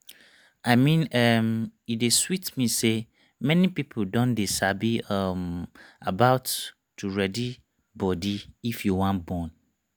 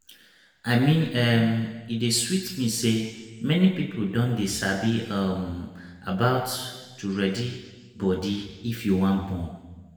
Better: first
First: none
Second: room echo; dies away in 1.3 s

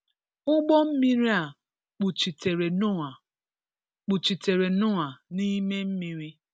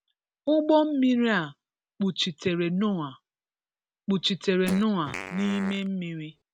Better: first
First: none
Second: background sound (Fart); 13 dB below the speech

